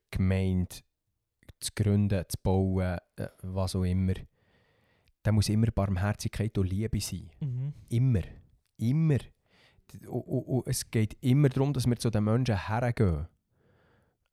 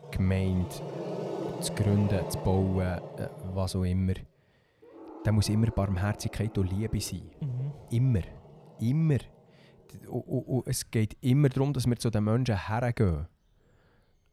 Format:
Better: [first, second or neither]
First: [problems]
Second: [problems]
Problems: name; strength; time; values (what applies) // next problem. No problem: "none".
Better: first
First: none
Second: animal sounds; noticeable; throughout; 10 dB below the speech